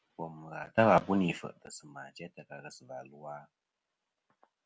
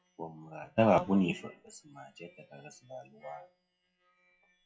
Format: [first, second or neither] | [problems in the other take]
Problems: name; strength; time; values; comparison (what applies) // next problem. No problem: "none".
first | noise reduction (classical method WPE with log-MMSE)